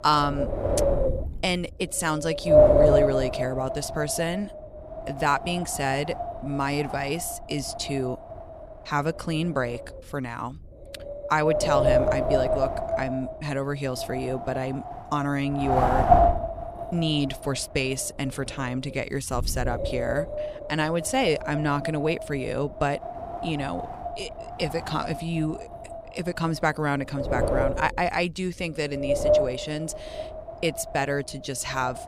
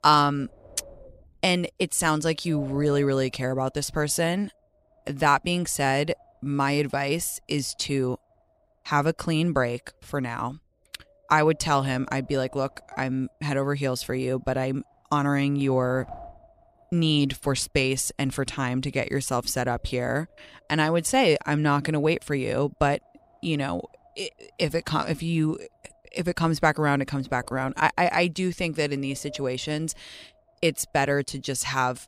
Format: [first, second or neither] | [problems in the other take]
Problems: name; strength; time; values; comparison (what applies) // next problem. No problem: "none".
second | wind noise on the microphone; heavy; 2 dB above the speech; occasional gusts in the second